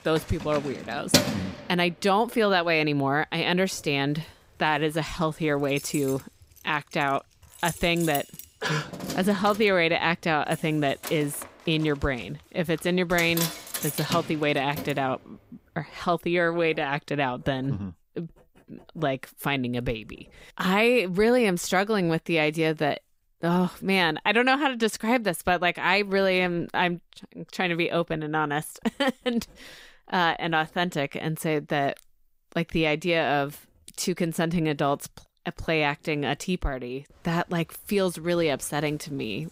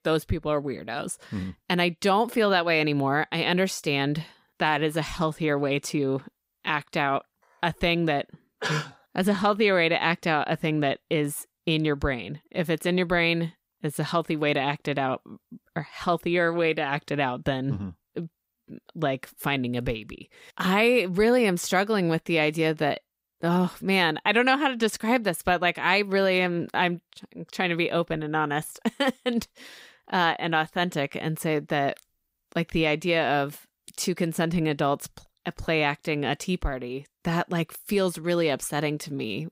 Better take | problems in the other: second | household noises; loud; throughout; 7 dB below the speech

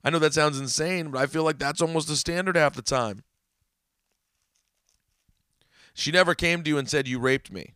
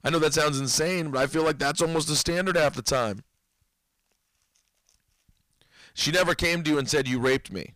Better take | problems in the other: first | distortion; heavy; 8% of the sound clipped

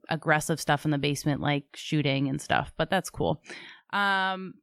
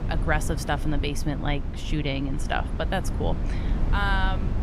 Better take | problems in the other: first | low rumble; noticeable; throughout; 10 dB below the speech

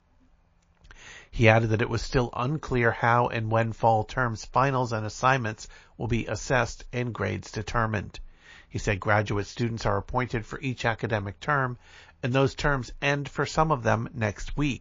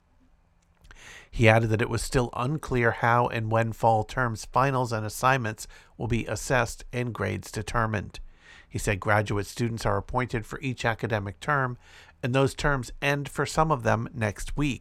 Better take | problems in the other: second | garbled, watery; slightly

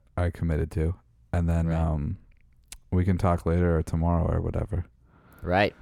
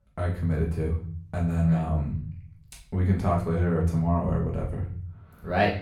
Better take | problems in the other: first | room echo; slight; dies away in 0.5 s // off-mic speech; far

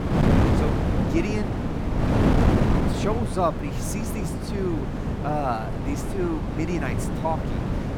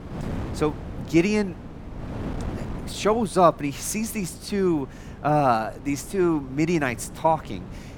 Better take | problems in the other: second | wind noise on the microphone; heavy; as loud as the speech; occasional gusts in the second

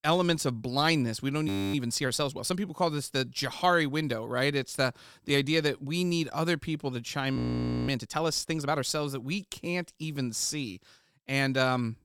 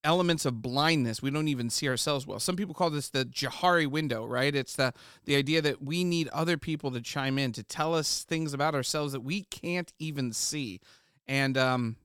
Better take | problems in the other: second | audio freezing; at 1.5 s and at 7.5 s for 0.5 s

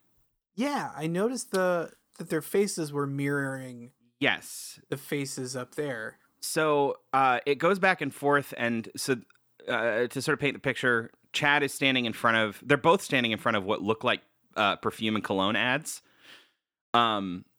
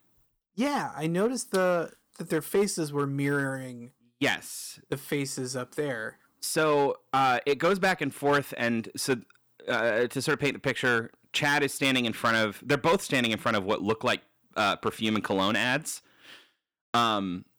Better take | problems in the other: first | distortion; slight; 3% of the sound clipped

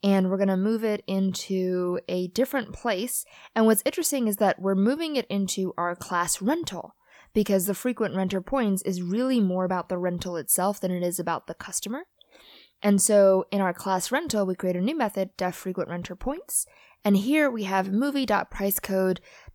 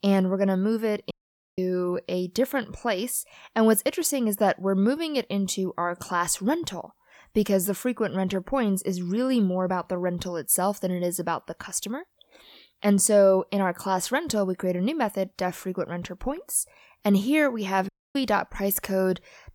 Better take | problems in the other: first | audio cutting out; at 1 s and at 18 s

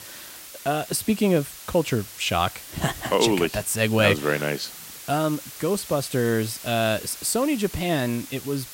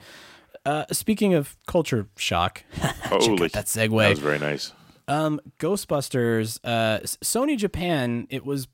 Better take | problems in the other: second | hiss; noticeable; throughout; 15 dB below the speech

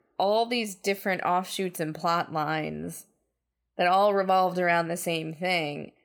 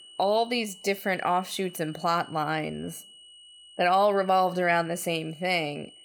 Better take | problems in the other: first | high-pitched whine; faint; throughout; 3 kHz, 20 dB below the speech

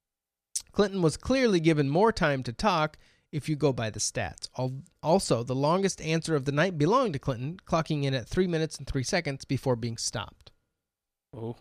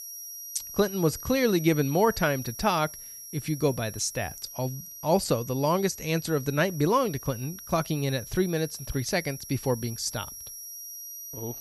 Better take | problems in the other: first | high-pitched whine; noticeable; throughout; 5.5 kHz, 10 dB below the speech

